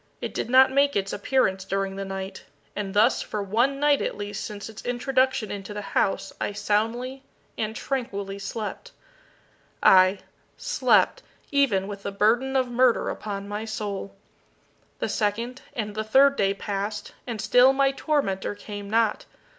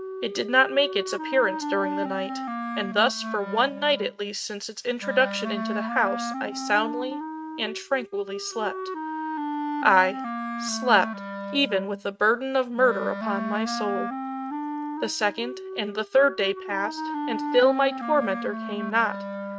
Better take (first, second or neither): first